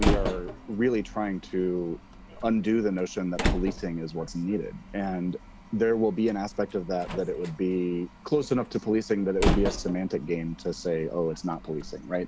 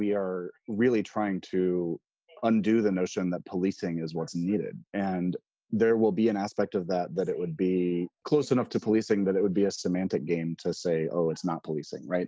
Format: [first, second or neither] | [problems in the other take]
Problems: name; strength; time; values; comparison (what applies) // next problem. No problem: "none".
second | background sound (Slam); 5 dB below the speech